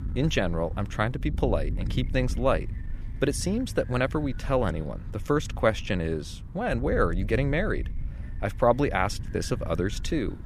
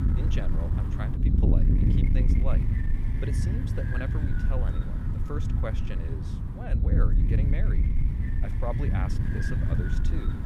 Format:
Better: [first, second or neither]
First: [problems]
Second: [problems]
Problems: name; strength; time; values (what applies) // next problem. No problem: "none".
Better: first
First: wind noise on the microphone; occasional gusts; 20 dB below the speech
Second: wind noise on the microphone; heavy; 1 dB above the speech